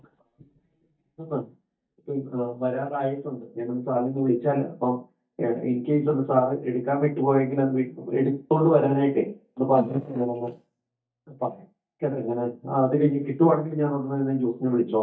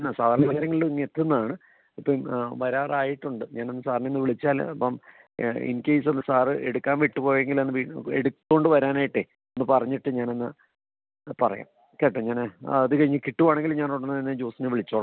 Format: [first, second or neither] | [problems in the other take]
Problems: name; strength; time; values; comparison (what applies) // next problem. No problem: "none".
second | noise reduction (neural mask model DeepFilterNet 3)